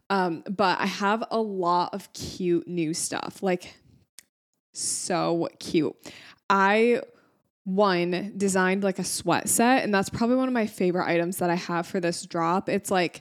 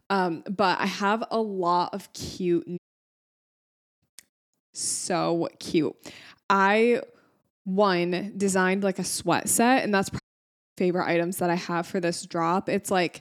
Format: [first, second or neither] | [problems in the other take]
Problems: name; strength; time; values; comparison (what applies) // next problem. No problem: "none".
first | audio cutting out; at 3 s for 1 s and at 10 s for 0.5 s